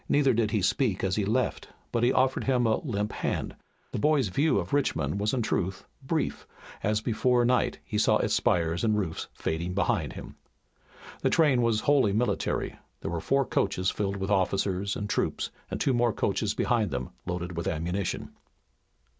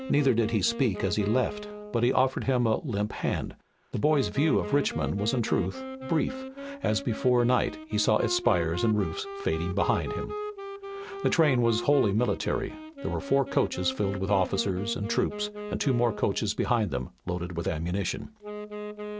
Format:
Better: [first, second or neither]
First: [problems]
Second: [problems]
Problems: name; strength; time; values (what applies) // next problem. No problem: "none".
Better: first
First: none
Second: background sound (Wind instrument, woodwind instrument); 10 dB below the speech